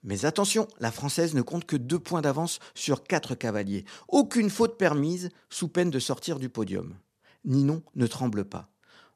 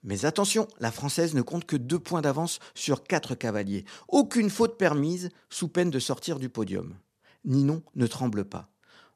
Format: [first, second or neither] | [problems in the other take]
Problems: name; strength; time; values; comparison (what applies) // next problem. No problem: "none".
neither | none